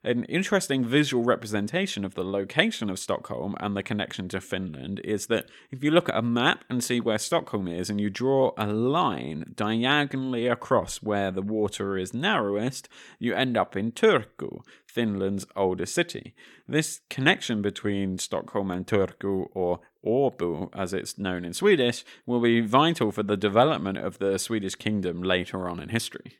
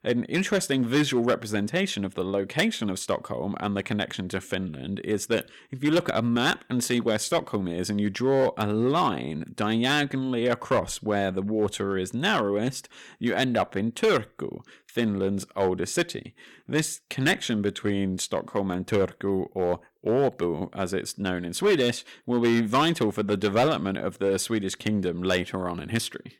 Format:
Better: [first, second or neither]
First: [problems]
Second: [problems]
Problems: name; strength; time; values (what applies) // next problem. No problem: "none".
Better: first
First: none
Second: distortion; slight; 3% of the sound clipped